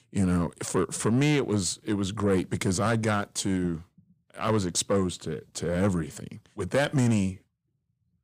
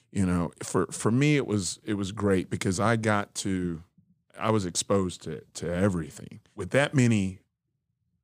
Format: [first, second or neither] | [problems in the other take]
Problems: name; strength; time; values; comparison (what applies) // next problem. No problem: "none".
second | distortion; slight; 10 dB below the speech